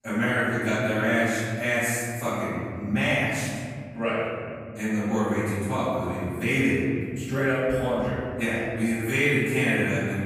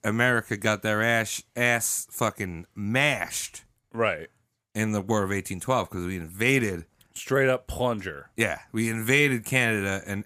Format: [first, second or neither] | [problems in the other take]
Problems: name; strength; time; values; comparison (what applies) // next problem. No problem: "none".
second | off-mic speech; far // room echo; strong; dies away in 2.7 s